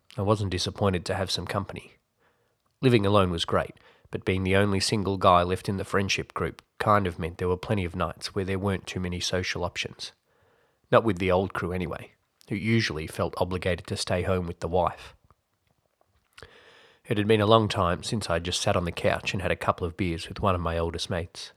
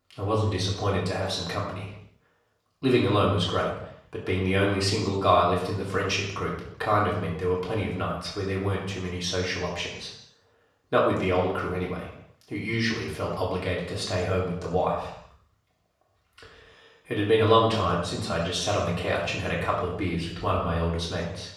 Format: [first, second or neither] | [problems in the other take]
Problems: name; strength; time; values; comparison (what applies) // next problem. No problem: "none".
first | room echo; noticeable; dies away in 0.7 s // off-mic speech; far